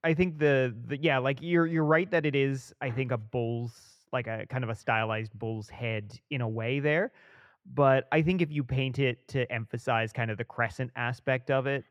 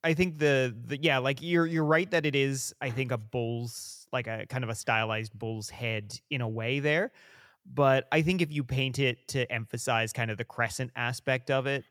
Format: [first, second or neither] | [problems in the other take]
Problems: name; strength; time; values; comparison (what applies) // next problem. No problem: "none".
second | muffled; slightly; fading above 4 kHz